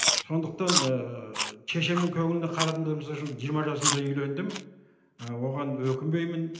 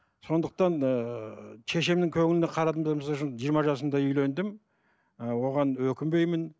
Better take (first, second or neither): second